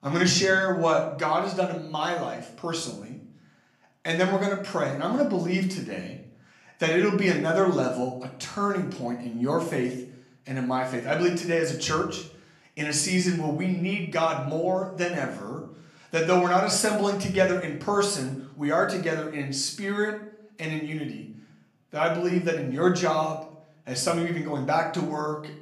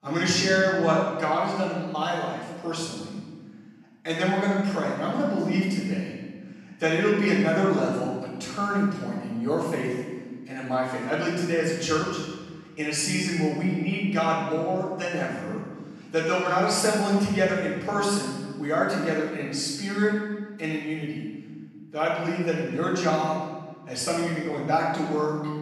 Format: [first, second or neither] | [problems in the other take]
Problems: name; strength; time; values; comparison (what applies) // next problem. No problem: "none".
first | room echo; strong; dies away in 1.3 s; slight in the first // off-mic speech; far; far in the first